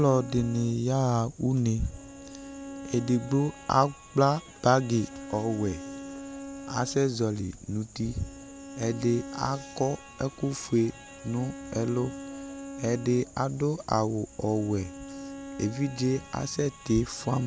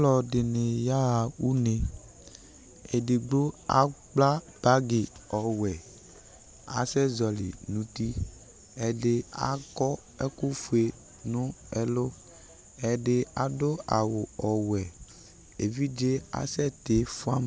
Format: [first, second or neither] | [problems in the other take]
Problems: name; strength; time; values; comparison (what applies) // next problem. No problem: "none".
second | background sound (Bowed string instrument); 15 dB below the speech